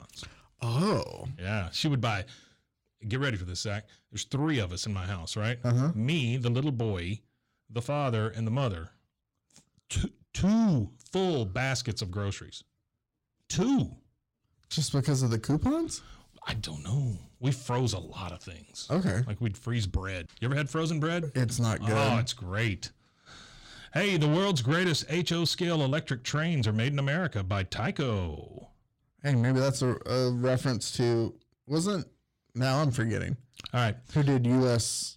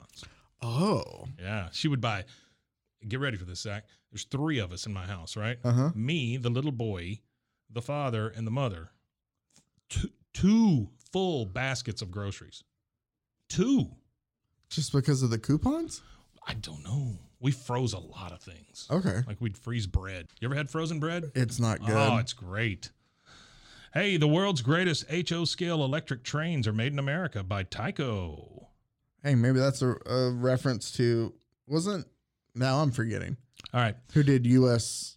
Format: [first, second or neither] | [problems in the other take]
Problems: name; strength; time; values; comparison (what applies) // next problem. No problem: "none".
second | distortion; slight; 10 dB below the speech